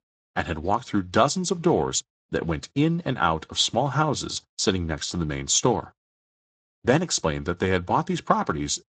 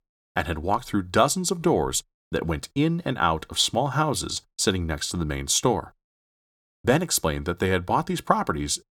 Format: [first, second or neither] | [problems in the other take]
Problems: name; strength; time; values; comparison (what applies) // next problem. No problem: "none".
second | garbled, watery; slightly; nothing above 7.5 kHz